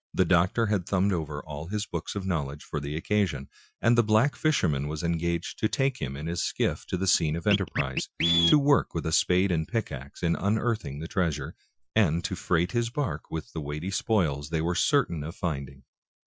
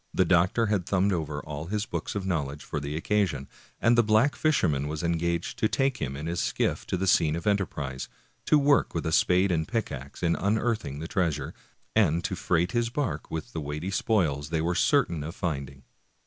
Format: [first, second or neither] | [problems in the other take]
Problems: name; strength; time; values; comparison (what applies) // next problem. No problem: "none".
second | noise reduction (classical method Wiener filter)